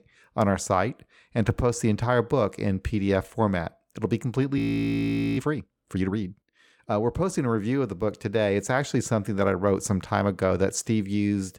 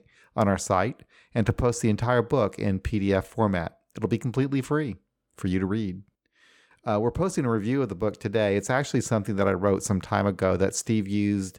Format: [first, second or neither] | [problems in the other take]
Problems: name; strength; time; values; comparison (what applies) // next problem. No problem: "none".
second | audio freezing; at 4.5 s for 1 s